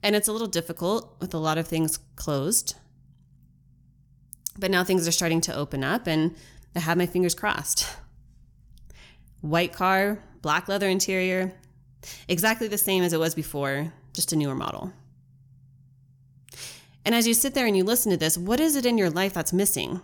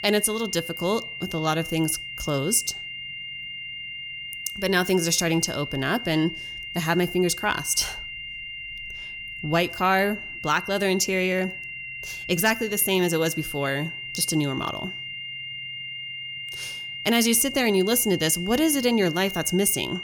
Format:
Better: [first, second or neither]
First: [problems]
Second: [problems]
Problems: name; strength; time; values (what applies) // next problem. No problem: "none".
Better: first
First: none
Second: high-pitched whine; loud; throughout; 3 kHz, 9 dB below the speech